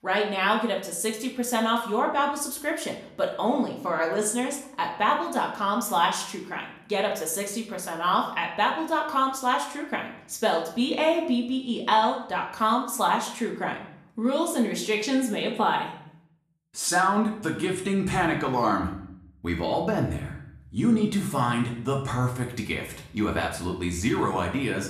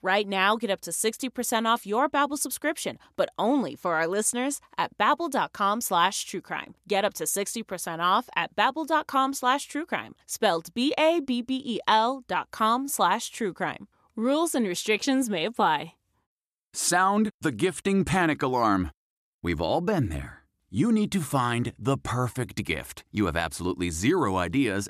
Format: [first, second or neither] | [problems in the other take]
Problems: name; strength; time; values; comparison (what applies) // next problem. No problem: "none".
second | room echo; slight; dies away in 0.6 s // off-mic speech; somewhat distant